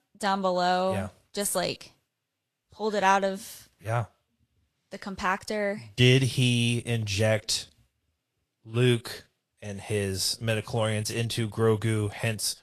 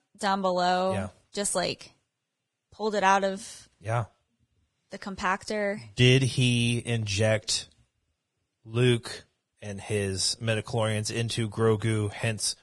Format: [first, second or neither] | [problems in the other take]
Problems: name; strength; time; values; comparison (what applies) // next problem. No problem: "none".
first | garbled, watery; badly; nothing above 10.5 kHz; slightly in the first